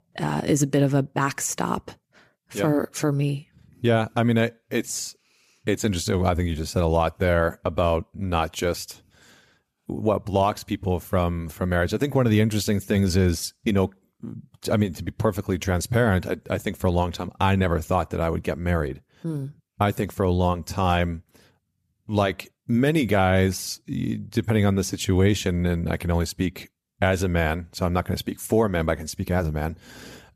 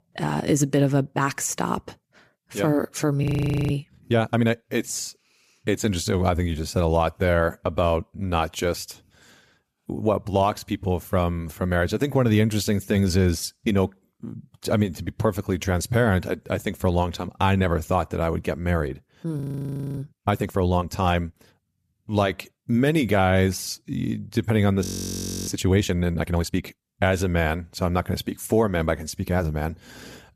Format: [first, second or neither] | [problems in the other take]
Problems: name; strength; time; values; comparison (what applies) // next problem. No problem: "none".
first | audio freezing; at 3 s, at 19 s for 0.5 s and at 25 s for 0.5 s